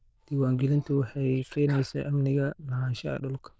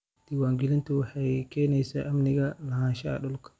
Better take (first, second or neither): second